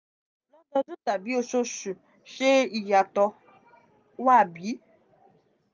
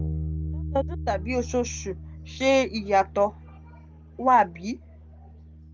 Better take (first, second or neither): first